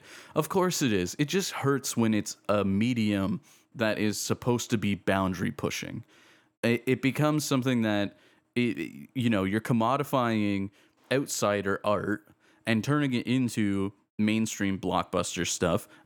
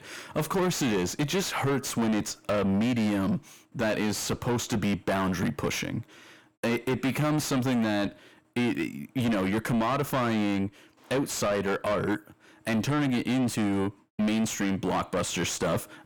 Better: first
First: none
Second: distortion; heavy; 6 dB below the speech

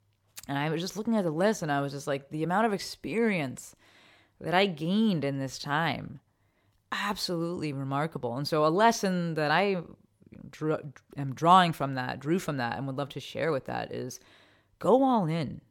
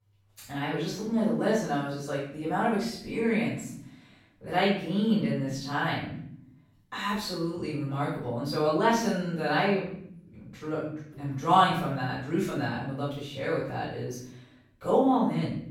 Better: first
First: none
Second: off-mic speech; far // room echo; noticeable; dies away in 0.6 s

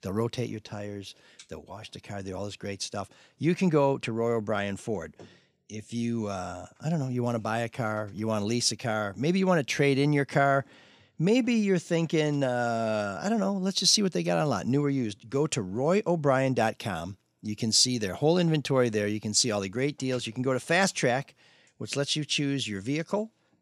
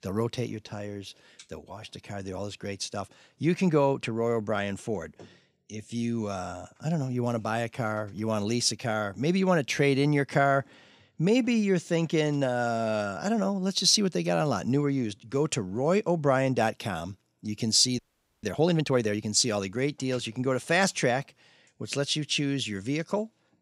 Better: first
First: none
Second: audio freezing; at 18 s

